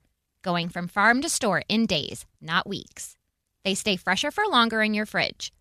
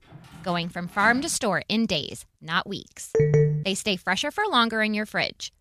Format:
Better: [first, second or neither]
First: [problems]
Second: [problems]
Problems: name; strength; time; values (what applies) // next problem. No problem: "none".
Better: first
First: none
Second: door banging; faint; until 1.5 s; peak 15 dB below the speech // phone ringing; loud; at 3 s; peak 5 dB above the speech